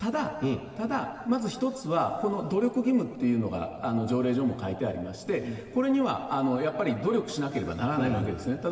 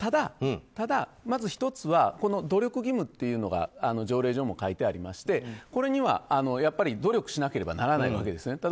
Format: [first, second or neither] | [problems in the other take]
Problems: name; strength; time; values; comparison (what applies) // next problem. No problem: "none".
second | room echo; dies away in 2.3 s